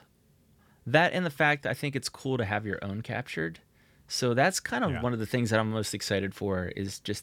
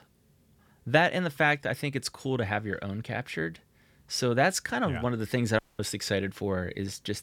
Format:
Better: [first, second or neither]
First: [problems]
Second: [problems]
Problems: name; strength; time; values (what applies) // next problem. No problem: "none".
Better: first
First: none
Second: audio cutting out; at 5.5 s